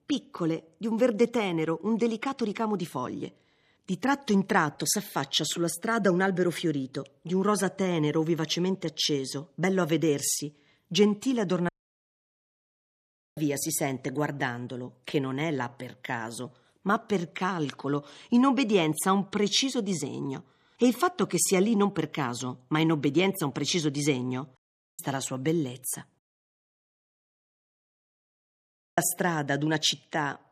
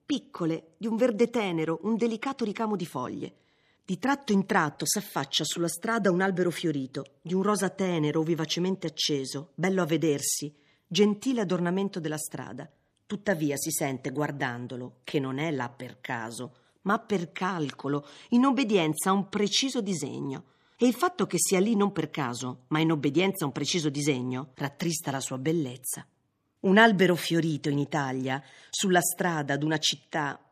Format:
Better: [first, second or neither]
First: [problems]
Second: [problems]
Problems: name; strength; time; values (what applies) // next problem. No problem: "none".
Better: second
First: audio cutting out; at 12 s for 1.5 s, at 25 s and at 26 s for 3 s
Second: none